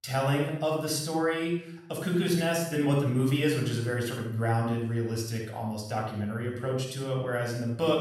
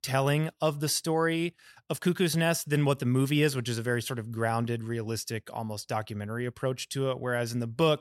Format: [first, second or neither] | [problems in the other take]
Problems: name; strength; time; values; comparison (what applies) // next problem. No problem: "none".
second | off-mic speech; somewhat distant // room echo; noticeable; dies away in 0.6 s